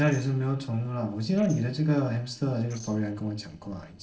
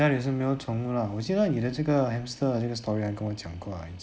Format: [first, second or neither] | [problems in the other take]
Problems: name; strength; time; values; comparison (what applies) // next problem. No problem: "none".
second | noise reduction (neural separator model SepFormer DNS4)